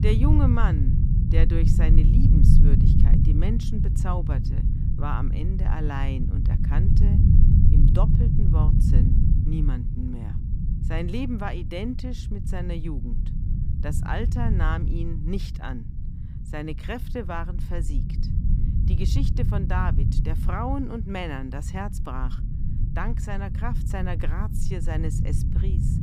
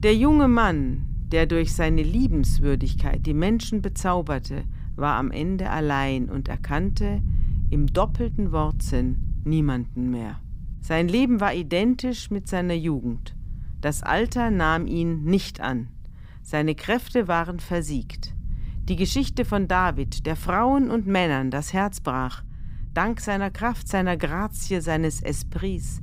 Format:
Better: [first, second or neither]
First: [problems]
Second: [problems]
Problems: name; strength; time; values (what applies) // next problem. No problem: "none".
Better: second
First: low rumble; loud; throughout; 3 dB below the speech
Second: low rumble; faint; throughout; 20 dB below the speech